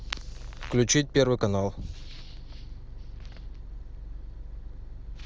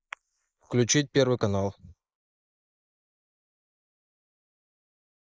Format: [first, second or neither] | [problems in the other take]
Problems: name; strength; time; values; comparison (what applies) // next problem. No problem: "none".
first | noise reduction (neural mask model Resemble Enhance denoiser)